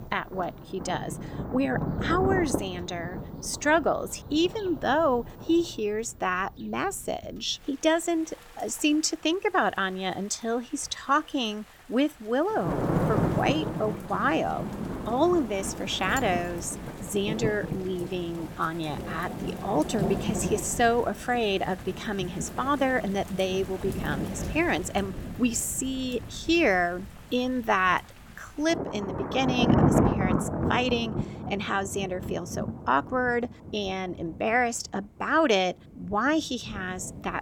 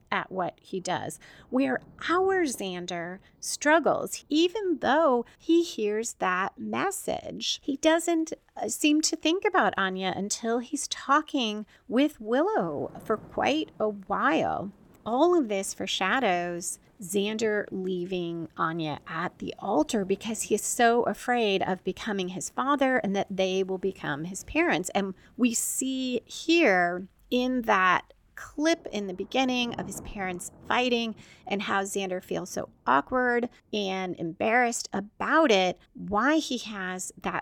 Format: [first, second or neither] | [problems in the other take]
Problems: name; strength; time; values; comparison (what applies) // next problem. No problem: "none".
second | rain or running water; loud; throughout; 5 dB below the speech; faint in the second